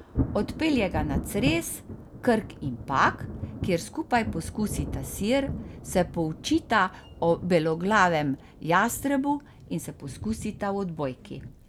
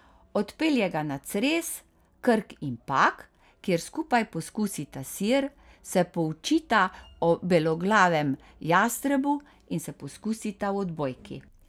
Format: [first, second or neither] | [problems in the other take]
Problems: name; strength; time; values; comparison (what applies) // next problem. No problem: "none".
second | background sound (Thunder); 9 dB below the speech